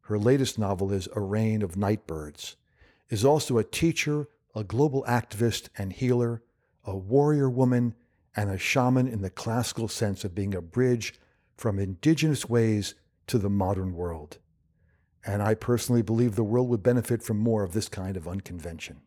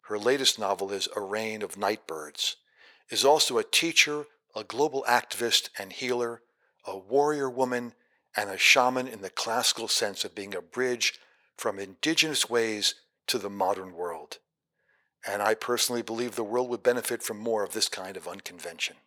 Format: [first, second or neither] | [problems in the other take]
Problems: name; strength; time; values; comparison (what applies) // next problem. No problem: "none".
first | thin; very; fading below 600 Hz